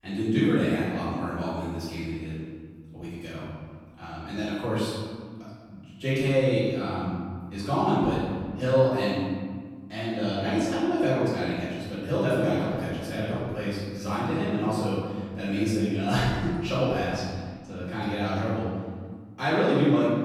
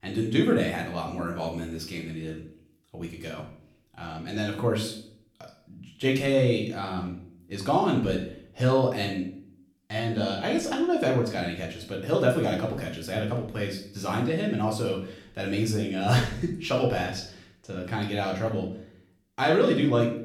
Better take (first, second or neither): second